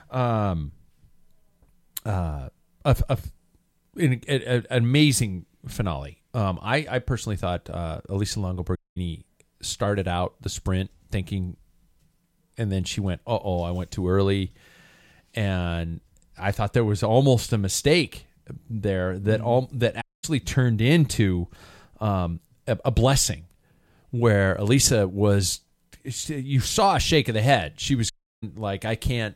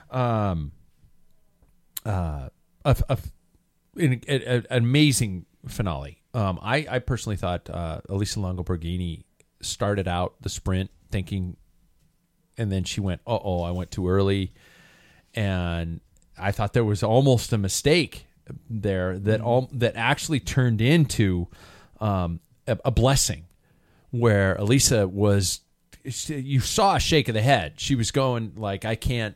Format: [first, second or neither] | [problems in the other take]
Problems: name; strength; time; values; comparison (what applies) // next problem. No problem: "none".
second | audio cutting out; at 9 s, at 20 s and at 28 s